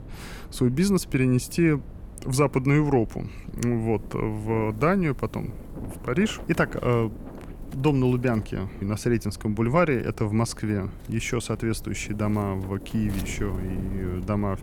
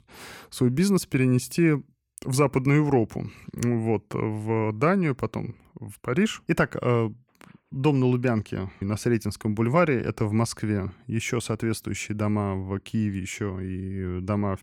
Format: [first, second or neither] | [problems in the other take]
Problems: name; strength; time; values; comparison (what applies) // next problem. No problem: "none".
second | wind noise on the microphone; occasional gusts; 20 dB below the speech